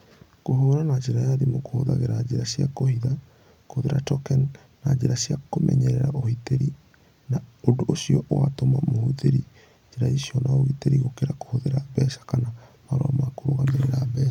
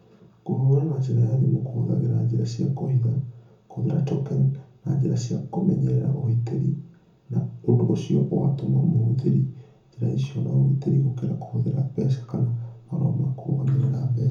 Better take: first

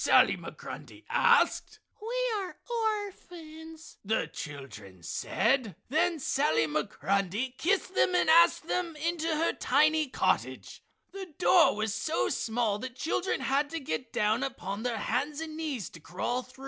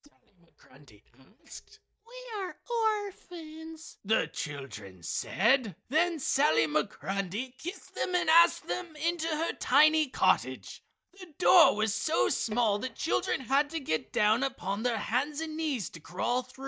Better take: first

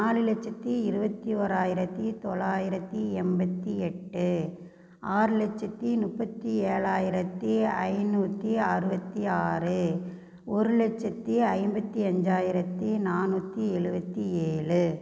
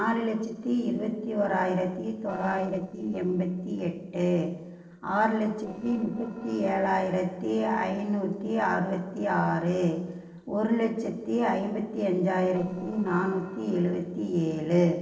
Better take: first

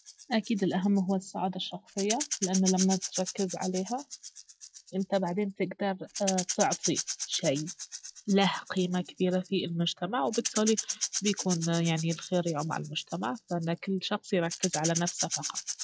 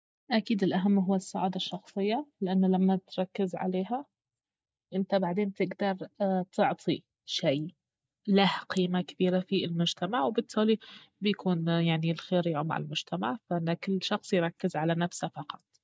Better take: second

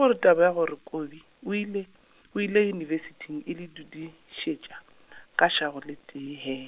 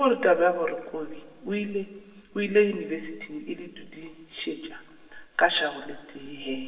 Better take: first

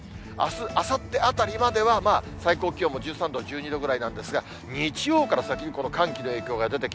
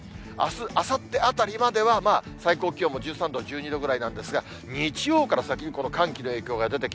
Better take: second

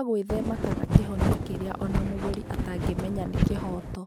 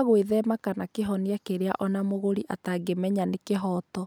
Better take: second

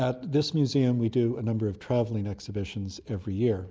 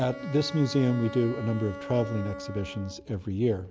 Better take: first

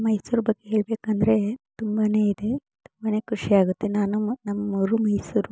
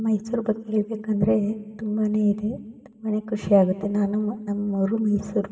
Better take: first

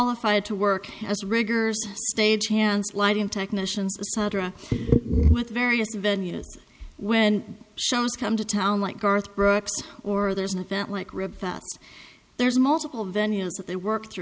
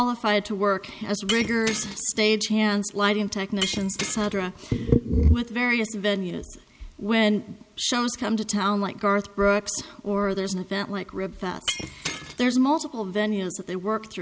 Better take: first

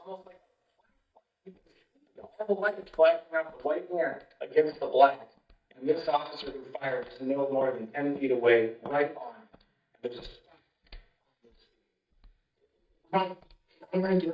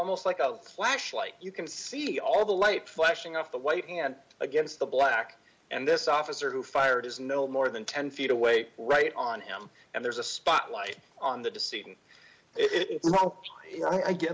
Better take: second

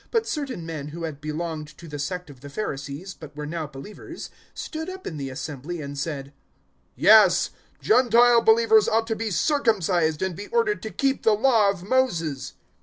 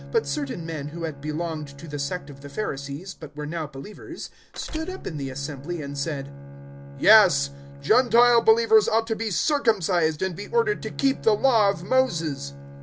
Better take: first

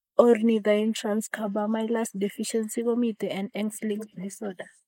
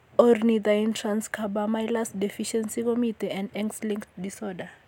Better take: second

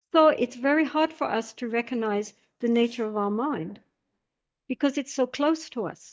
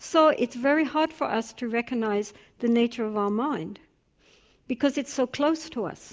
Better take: second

